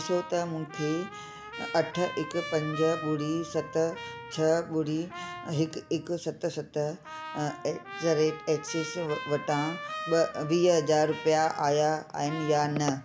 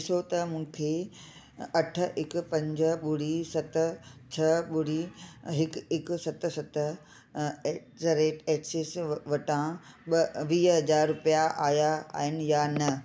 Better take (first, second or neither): second